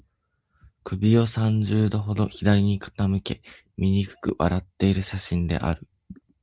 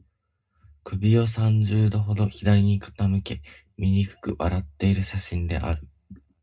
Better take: first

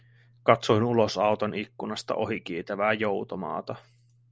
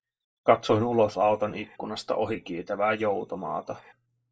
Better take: first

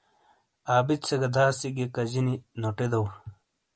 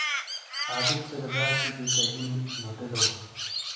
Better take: first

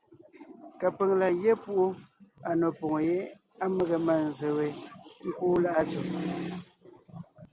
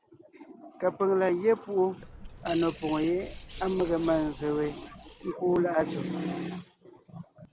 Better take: first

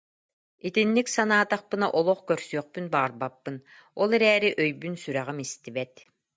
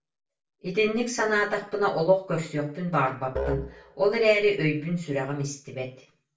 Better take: first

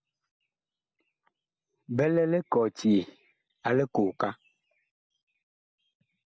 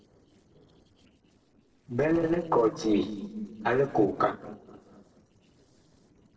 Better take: first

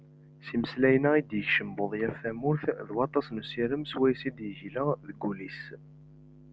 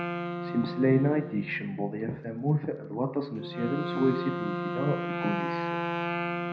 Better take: first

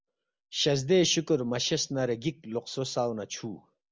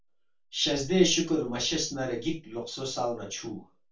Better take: first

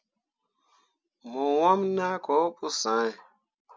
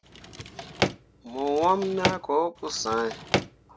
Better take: first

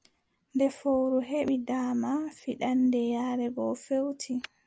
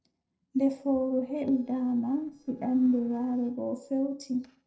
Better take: first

